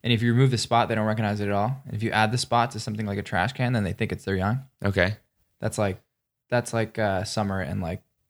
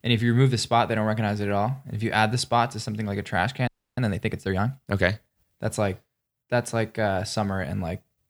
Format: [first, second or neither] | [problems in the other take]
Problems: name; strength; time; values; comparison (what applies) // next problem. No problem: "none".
first | audio freezing; at 3.5 s